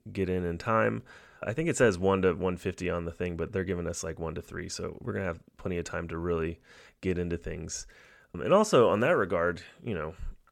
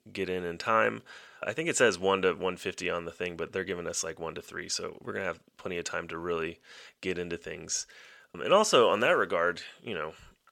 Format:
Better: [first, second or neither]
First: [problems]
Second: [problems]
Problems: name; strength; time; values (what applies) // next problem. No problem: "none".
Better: first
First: none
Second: thin; very slightly; fading below 500 Hz